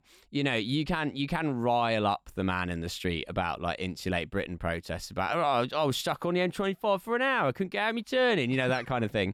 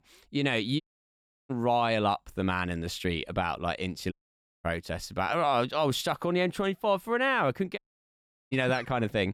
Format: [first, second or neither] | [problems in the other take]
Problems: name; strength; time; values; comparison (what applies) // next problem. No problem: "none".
first | audio cutting out; at 1 s for 0.5 s, at 4 s for 0.5 s and at 8 s for 0.5 s